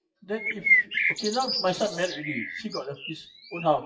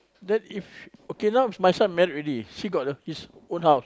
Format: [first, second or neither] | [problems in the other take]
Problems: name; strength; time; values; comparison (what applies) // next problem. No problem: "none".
second | noise reduction (classical method WPE with log-MMSE)